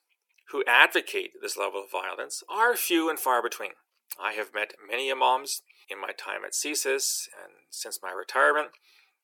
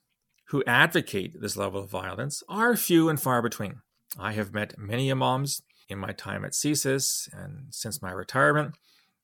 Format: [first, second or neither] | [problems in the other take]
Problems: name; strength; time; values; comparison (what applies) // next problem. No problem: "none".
second | thin; very; fading below 350 Hz